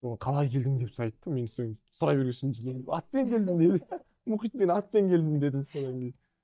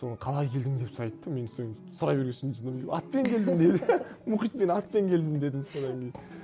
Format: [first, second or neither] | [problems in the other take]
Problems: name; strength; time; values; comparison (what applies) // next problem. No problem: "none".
second | noise reduction (neural mask model DeepFilterNet 3)